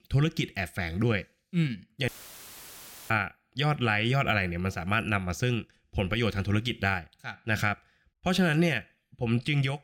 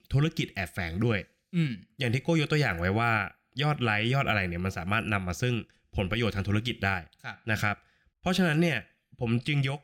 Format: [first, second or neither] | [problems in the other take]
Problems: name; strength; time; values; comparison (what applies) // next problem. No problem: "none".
second | audio cutting out; filled with static; at 2 s for 1 s